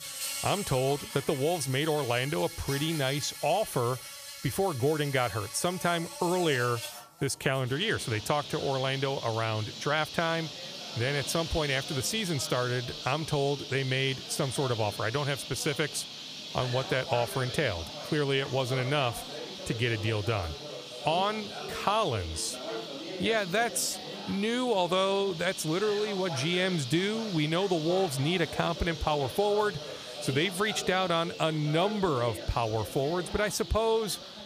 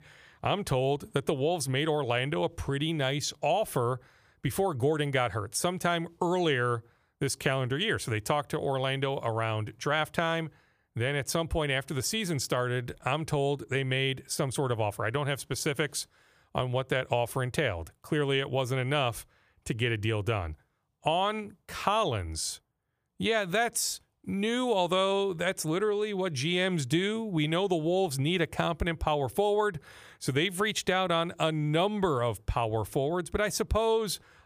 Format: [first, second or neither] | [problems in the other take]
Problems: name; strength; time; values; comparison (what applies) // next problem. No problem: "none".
second | animal sounds; loud; throughout; 9 dB below the speech